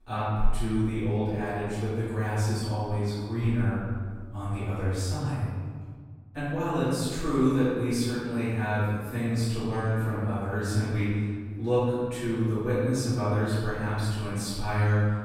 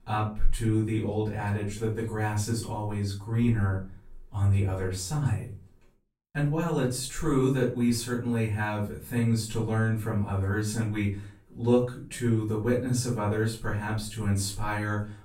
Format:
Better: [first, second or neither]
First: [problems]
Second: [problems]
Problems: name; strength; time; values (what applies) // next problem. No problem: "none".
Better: second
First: room echo; strong; dies away in 1.6 s // off-mic speech; far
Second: room echo; slight; dies away in 0.3 s // off-mic speech; far